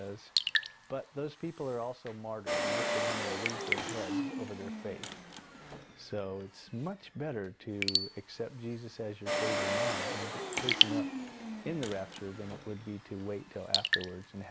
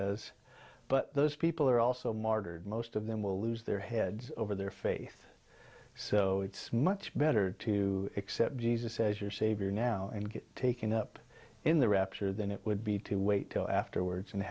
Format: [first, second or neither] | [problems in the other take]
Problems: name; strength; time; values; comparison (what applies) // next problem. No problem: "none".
second | background sound (Raindrop / Drip + Engine); 5 dB above the speech